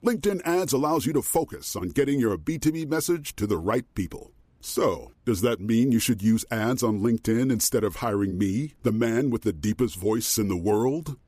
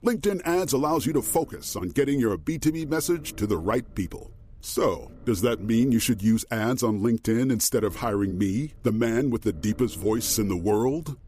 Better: first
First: none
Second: low rumble; faint; until 6.5 s and from 8 s on; 25 dB below the speech

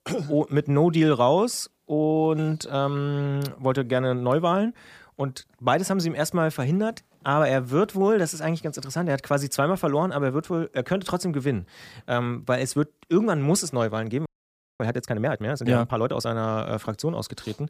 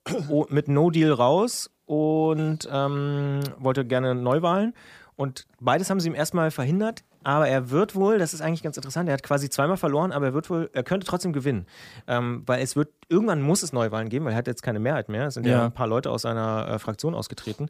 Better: second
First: audio freezing; at 14 s for 0.5 s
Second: none

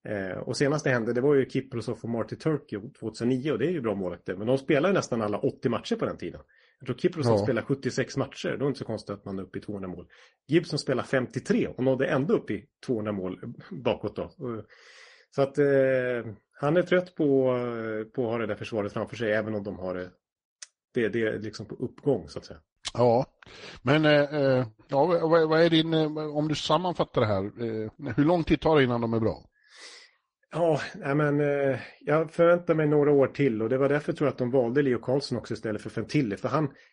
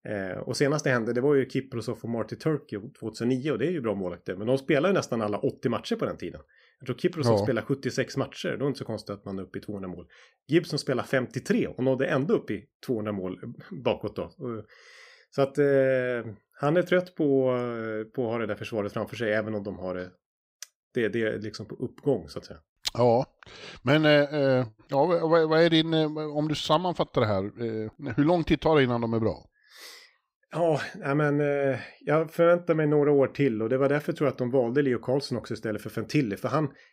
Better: second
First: garbled, watery; slightly; nothing above 10.5 kHz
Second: none

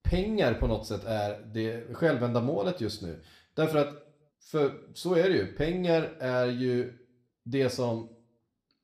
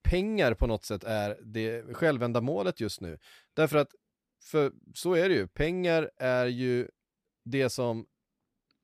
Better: second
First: room echo; very slight; dies away in 0.4 s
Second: none

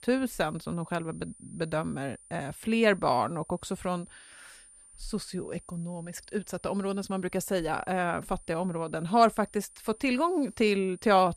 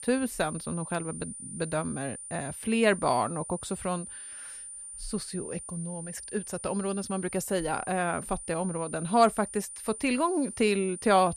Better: first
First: high-pitched whine; faint; throughout; 9.5 kHz, 20 dB below the speech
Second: high-pitched whine; loud; throughout; 9.5 kHz, 10 dB below the speech

